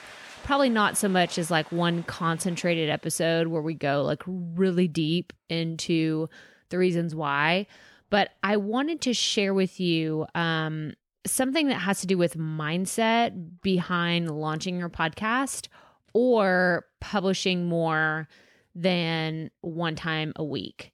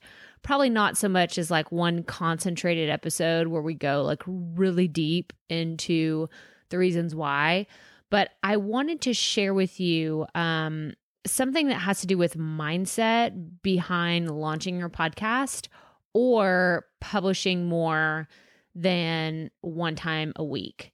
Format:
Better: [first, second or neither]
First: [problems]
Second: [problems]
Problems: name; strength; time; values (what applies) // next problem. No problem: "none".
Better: second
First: household noises; faint; throughout; 20 dB below the speech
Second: none